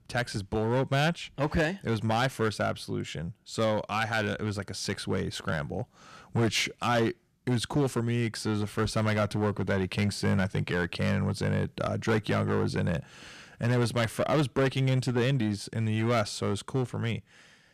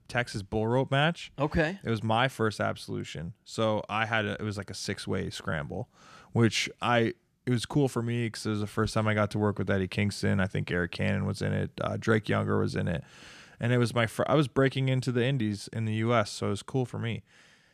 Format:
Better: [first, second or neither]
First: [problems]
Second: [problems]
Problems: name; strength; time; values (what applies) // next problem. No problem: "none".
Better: second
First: distortion; slight; 6% of the sound clipped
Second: none